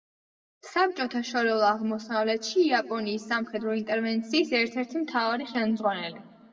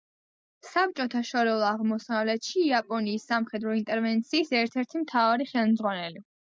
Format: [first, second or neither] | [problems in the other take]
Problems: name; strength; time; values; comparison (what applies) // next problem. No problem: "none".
second | room echo; dies away in 1.2 s